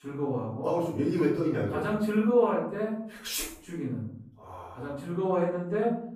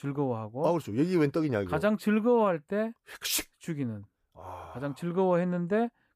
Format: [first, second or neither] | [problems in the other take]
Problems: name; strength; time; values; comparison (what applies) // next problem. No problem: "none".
second | off-mic speech; far // room echo; noticeable; dies away in 0.6 s